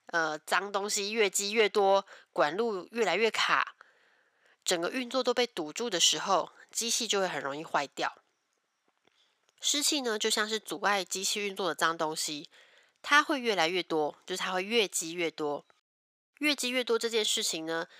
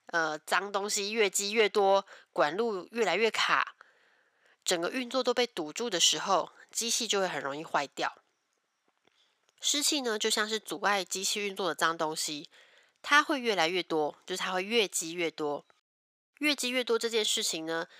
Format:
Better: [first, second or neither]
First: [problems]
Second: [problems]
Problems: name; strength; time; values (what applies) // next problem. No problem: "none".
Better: neither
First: thin; very; fading below 650 Hz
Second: thin; very; fading below 650 Hz